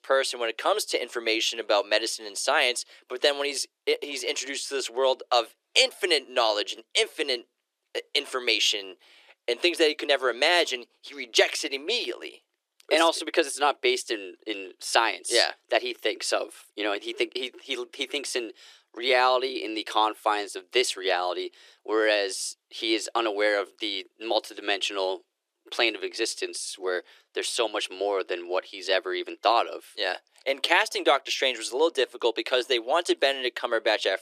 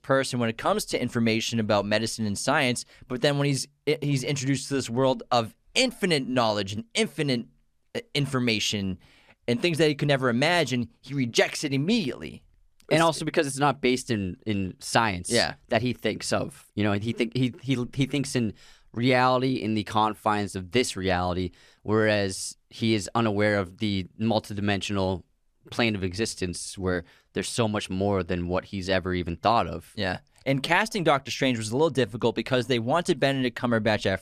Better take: second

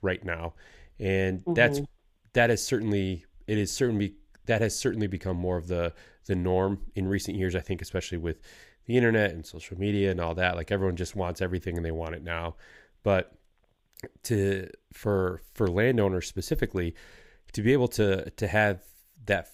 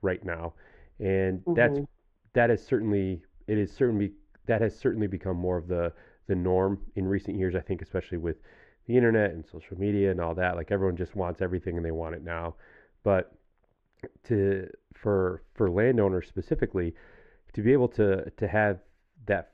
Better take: first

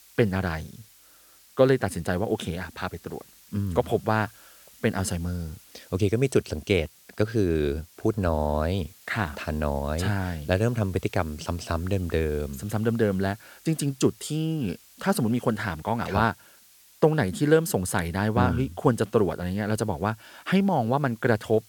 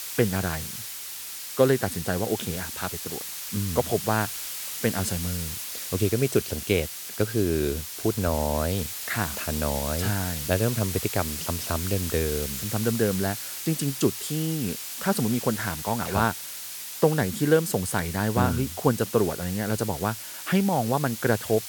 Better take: first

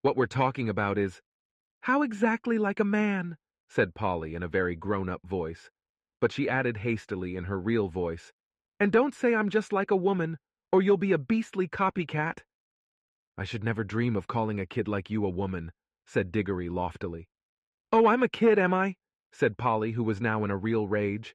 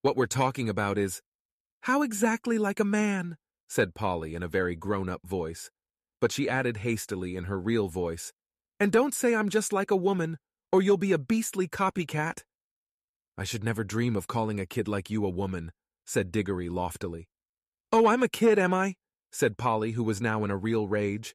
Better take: second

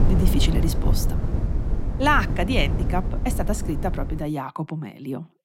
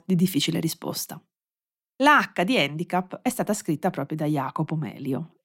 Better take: second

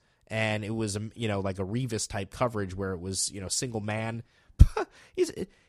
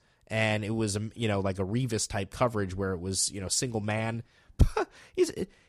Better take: first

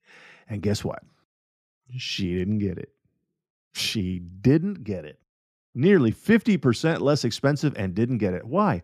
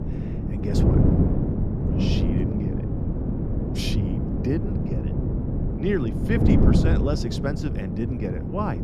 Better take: first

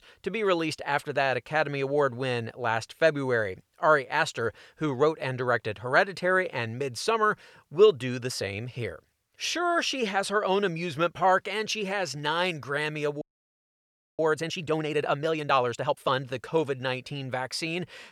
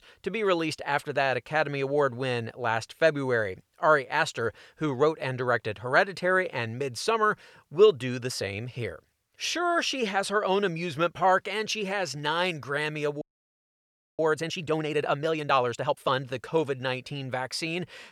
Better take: neither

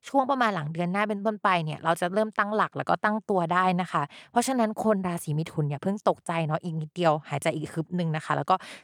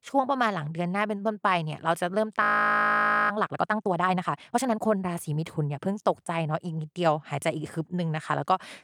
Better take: first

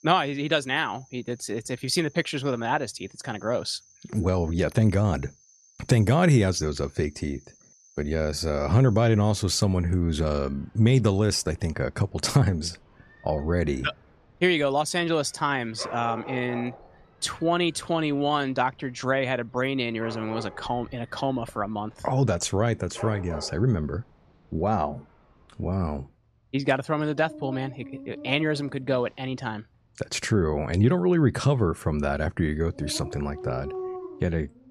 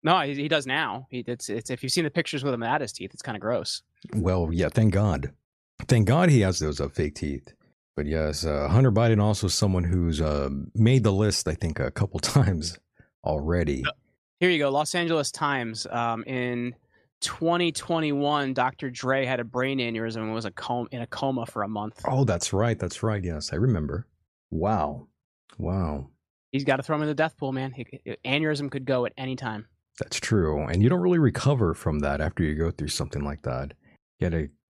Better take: second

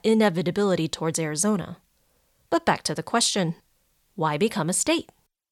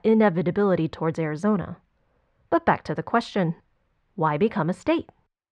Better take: first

